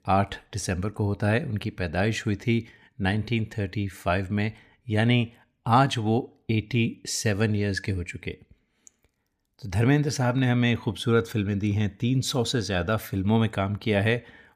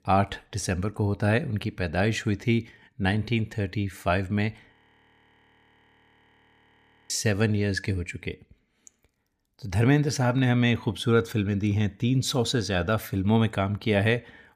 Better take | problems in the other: first | audio freezing; at 4.5 s for 2.5 s

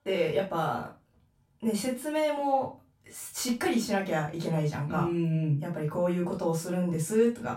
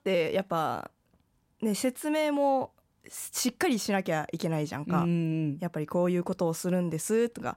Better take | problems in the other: second | off-mic speech; far // room echo; slight; dies away in 0.2 s

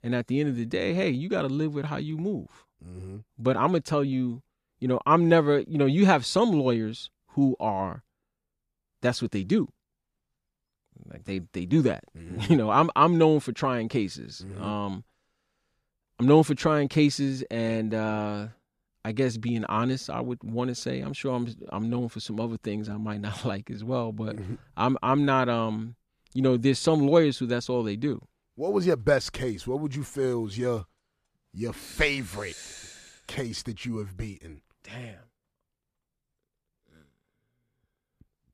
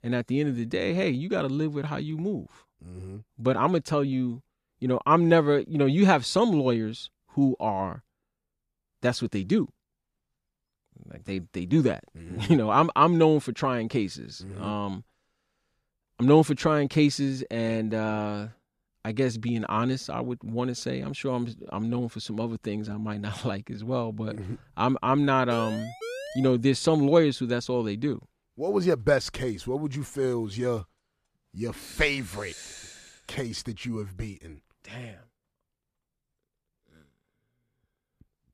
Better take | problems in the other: first | siren; noticeable; from 26 to 27 s; peak 10 dB below the speech

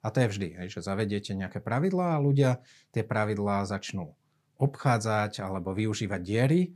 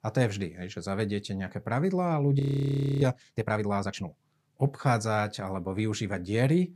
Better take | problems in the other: first | audio freezing; at 2.5 s for 0.5 s

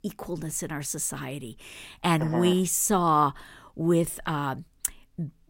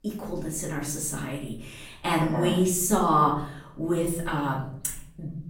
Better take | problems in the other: first | room echo; noticeable; dies away in 0.6 s // off-mic speech; far

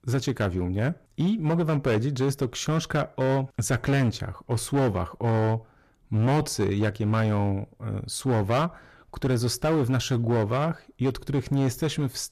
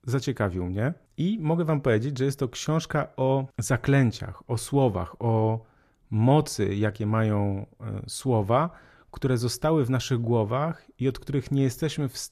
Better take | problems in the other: second | distortion; slight; 11% of the sound clipped

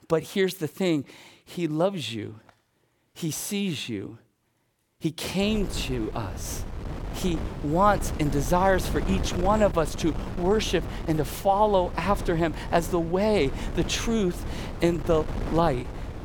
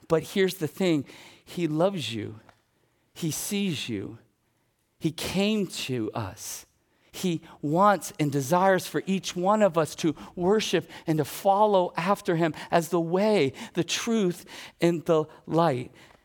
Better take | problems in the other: second | wind noise on the microphone; occasional gusts; from 5.5 s on; 15 dB below the speech

